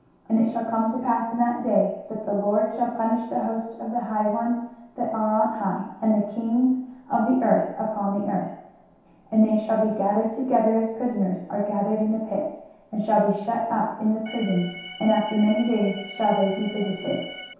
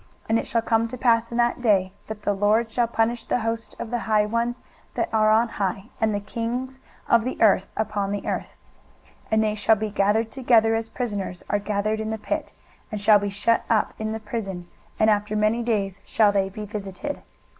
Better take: second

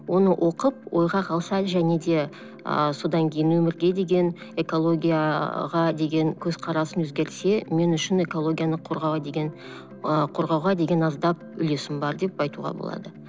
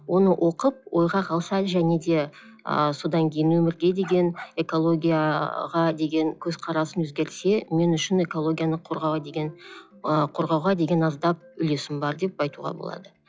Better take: first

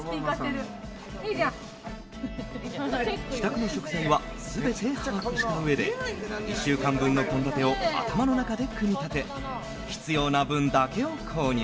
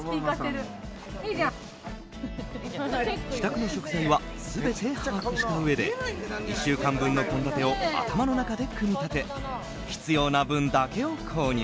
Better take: second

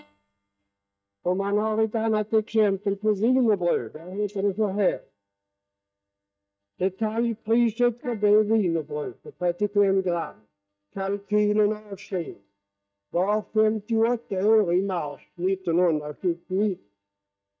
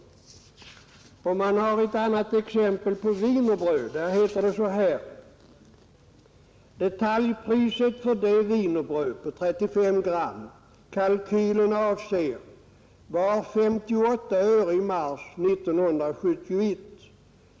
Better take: second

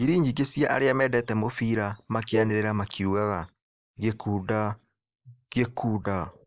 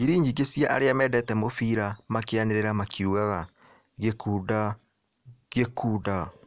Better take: second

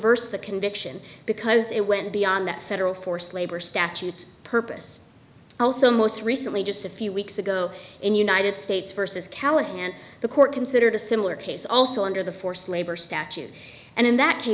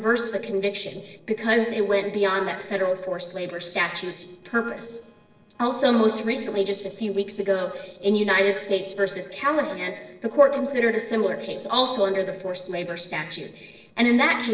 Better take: first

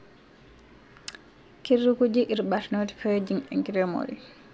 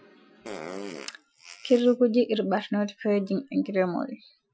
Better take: first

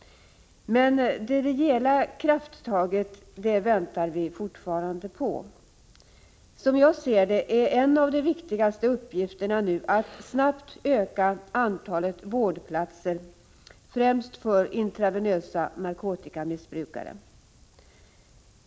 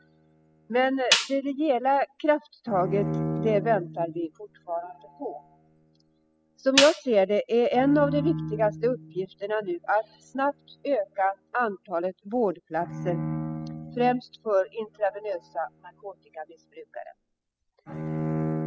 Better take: first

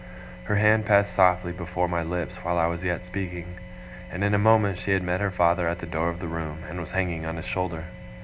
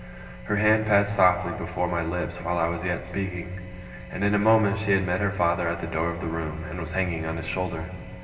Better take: first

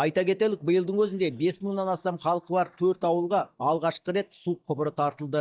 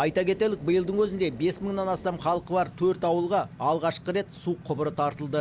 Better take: second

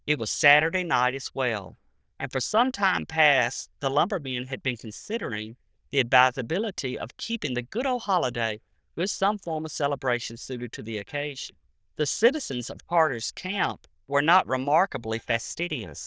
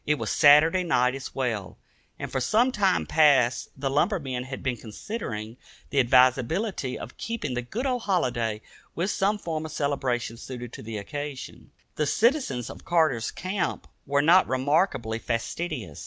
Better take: second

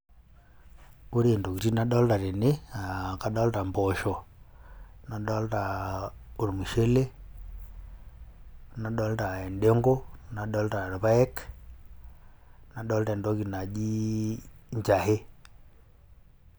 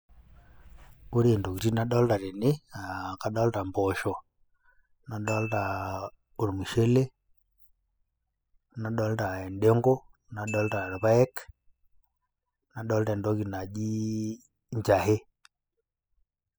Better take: first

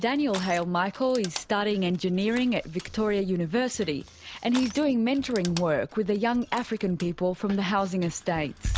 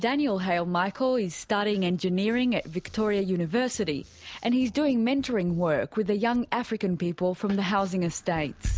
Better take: second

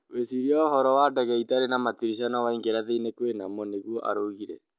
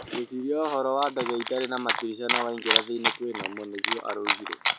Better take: first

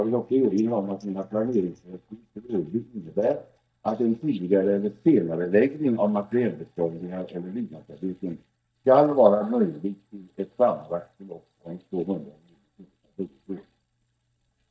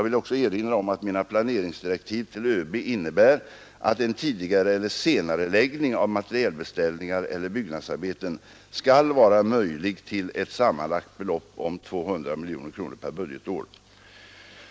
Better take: second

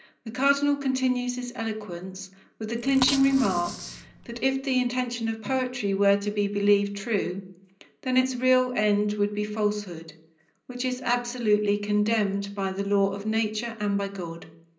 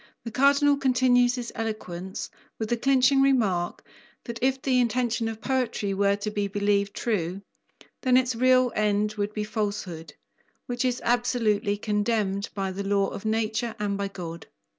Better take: second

